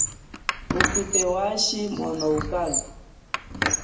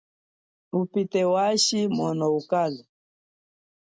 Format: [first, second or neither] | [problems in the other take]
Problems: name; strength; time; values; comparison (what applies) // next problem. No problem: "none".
second | background sound (Squeak); as loud as the speech // room echo; dies away in 0.7 s